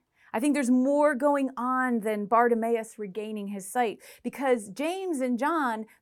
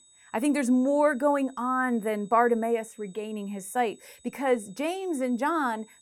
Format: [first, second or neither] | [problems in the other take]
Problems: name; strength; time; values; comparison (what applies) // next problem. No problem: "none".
first | high-pitched whine; faint; throughout; 8 kHz, 30 dB below the speech